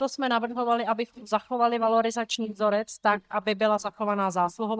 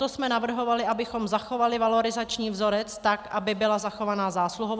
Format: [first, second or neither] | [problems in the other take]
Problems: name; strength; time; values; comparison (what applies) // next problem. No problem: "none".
second | noise reduction (neural mask model DeepFilterNet 3)